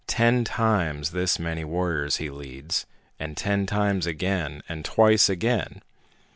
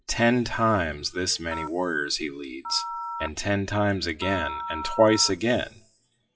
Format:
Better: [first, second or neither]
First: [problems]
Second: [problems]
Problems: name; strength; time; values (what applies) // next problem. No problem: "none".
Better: first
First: none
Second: noise reduction (classical method WPE with log-MMSE)